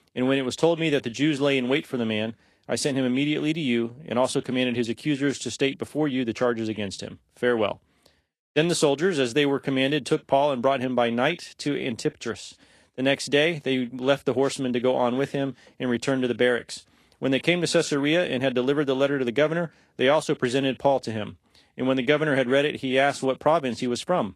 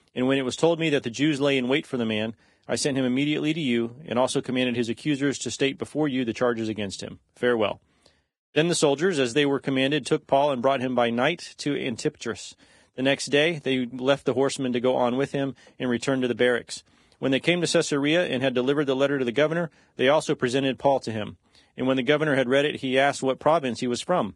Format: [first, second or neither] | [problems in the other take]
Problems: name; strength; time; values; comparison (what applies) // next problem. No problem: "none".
first | garbled, watery; badly; nothing above 10 kHz; slightly in the first